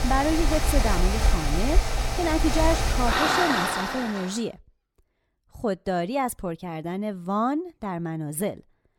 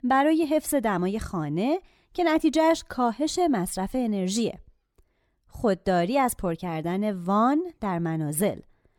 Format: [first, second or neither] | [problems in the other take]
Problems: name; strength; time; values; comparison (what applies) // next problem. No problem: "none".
second | machinery noise; very loud; until 4 s; 3 dB above the speech